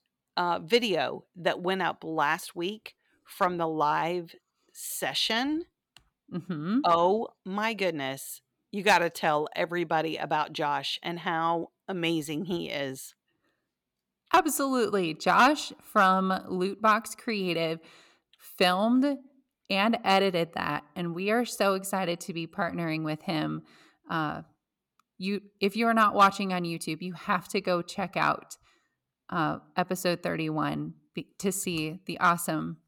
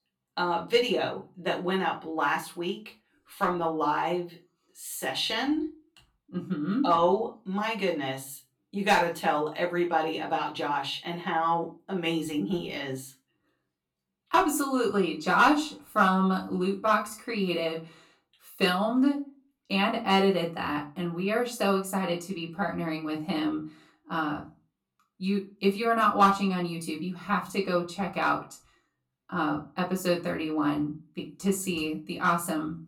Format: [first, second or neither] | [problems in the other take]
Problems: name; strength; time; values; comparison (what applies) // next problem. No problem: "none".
first | off-mic speech; far // room echo; very slight; dies away in 0.3 s